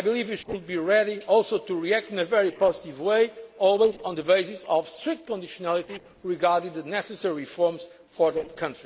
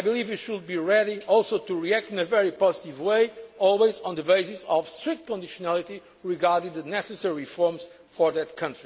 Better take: second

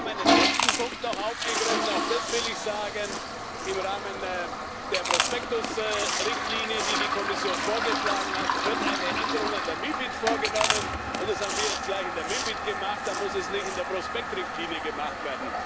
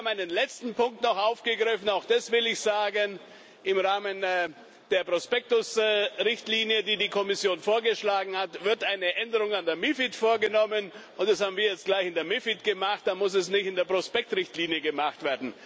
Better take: second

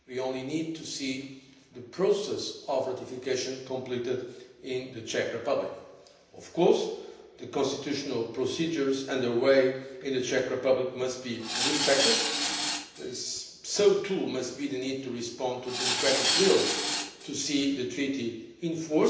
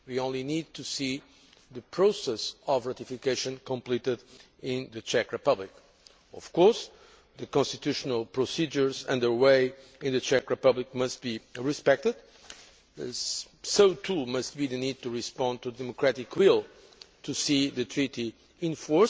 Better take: second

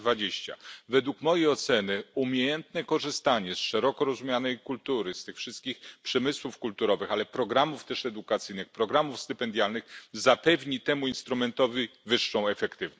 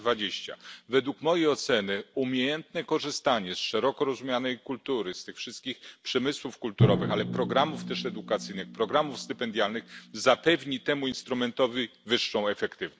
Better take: first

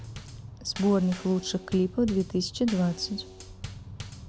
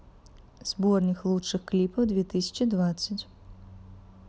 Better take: second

